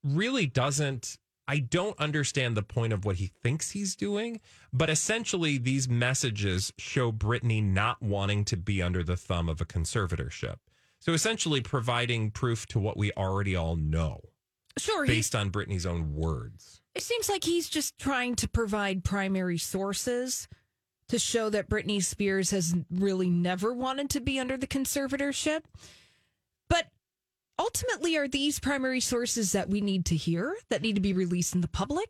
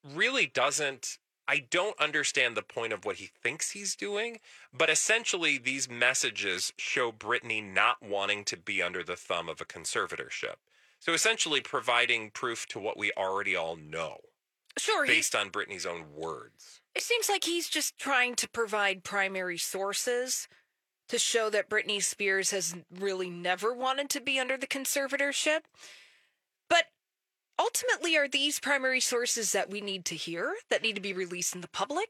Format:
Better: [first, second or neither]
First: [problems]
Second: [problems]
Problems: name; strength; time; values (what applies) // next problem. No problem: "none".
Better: first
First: none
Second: thin; very; fading below 550 Hz